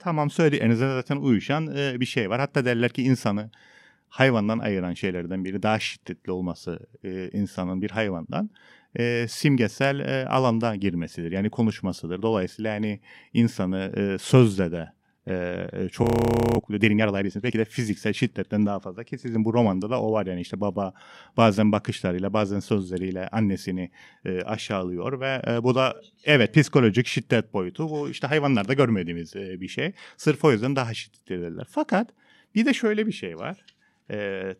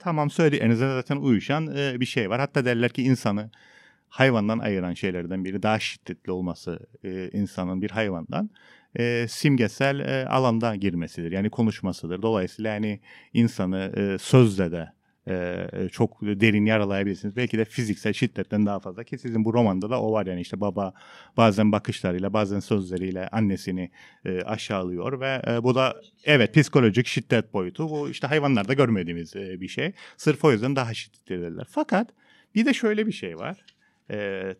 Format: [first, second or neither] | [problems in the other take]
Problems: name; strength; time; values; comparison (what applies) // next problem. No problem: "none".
second | audio freezing; at 16 s for 0.5 s